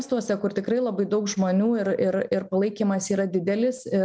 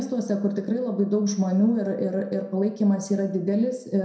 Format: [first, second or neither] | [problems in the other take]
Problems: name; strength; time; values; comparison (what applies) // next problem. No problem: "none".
first | room echo; dies away in 0.6 s